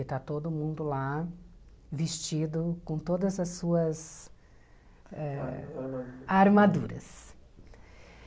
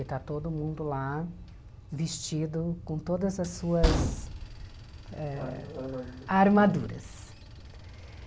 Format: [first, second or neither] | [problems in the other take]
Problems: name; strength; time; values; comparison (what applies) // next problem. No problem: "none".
first | background sound (Train); 6 dB below the speech